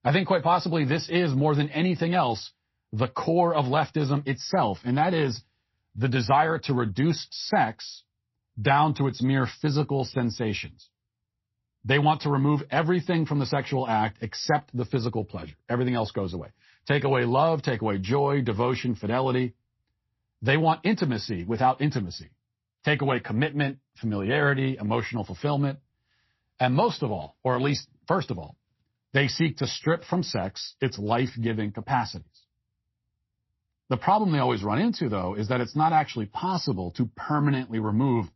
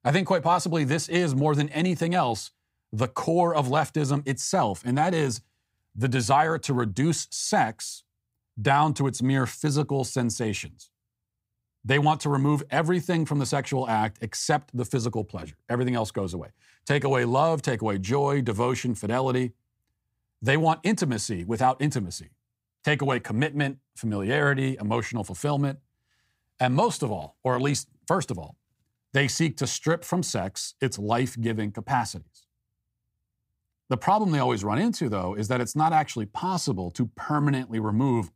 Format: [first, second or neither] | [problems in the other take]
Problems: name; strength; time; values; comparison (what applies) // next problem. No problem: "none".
second | garbled, watery; slightly; nothing above 5.5 kHz